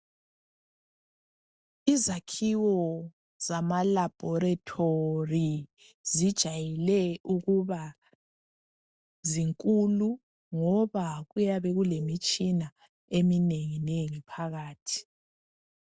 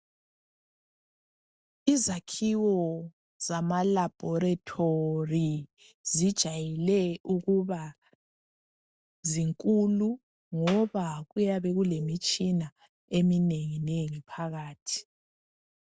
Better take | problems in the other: first | background sound (Clapping); 11 dB below the speech

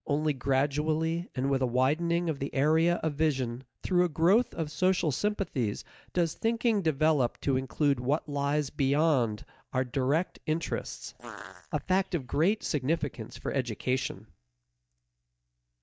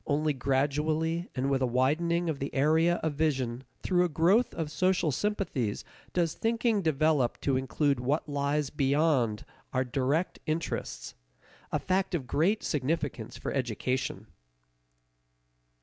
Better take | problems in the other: second | noise reduction (neural mask model DeepFilterNet 3)

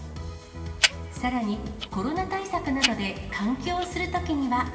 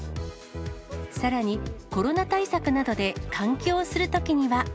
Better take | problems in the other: second | background sound (Tick-tock); 5 dB below the speech // room echo; dies away in 2.2 s

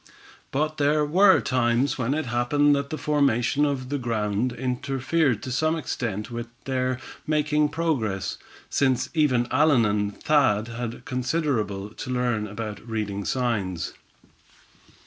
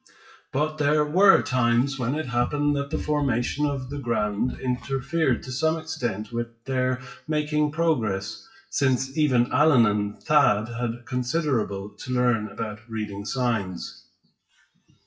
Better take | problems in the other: first | noise reduction (classical method WPE with log-MMSE)

